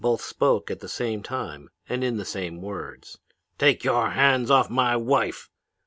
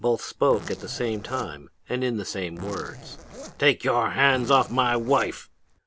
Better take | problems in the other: first | background sound (Zipper (clothing)); 17 dB below the speech

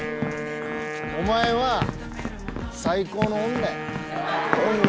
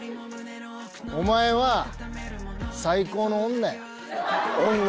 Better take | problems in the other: second | background sound (Run + Wind instrument, woodwind instrument); 3 dB below the speech

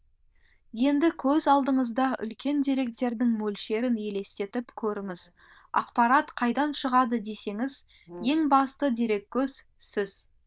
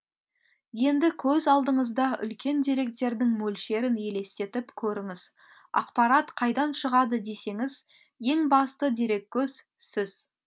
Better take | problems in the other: second | noise reduction (neural diffusion model UNIVERSE++)

